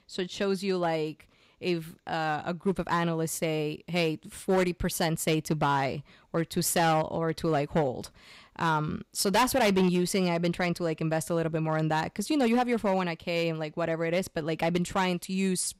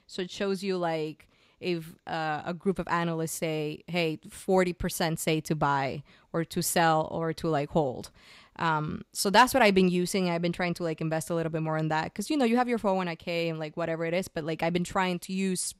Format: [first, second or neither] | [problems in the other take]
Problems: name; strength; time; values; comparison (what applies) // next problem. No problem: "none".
second | distortion; slight; 4% of the sound clipped